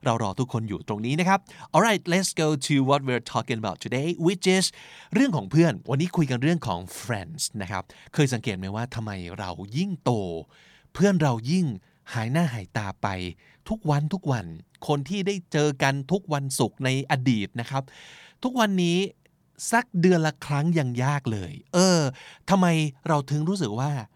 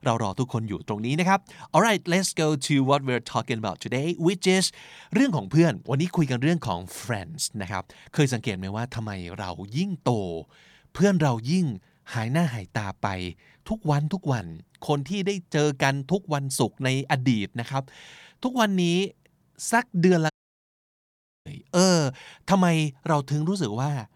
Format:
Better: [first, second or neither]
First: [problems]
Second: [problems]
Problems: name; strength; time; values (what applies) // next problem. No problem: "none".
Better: first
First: none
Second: audio cutting out; at 20 s for 1 s